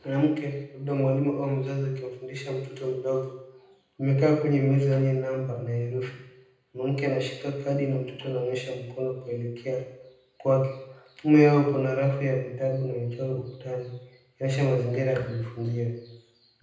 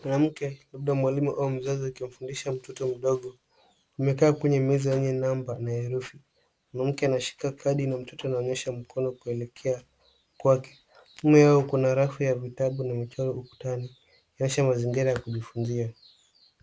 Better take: second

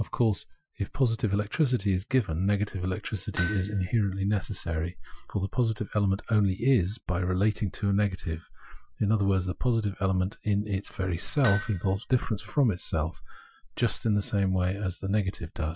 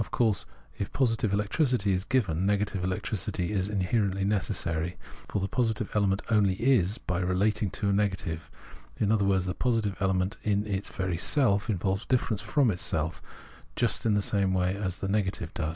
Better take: second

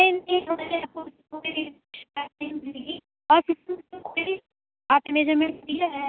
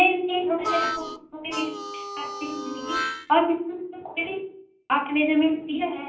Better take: first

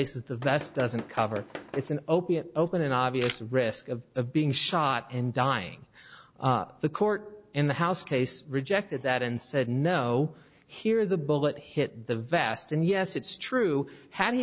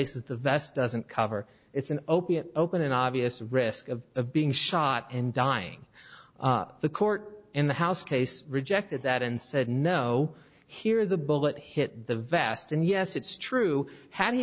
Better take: second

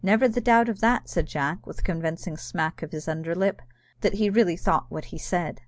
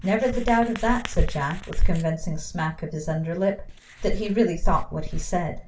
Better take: first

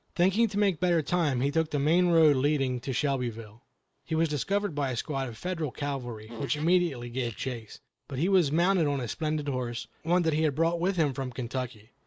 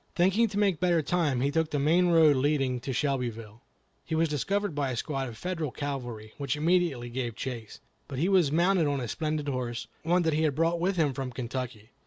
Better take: second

